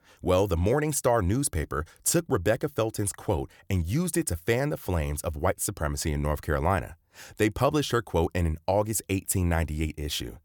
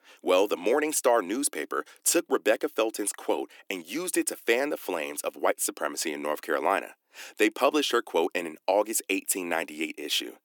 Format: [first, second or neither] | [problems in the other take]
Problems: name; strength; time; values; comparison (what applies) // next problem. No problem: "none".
first | thin; somewhat; fading below 250 Hz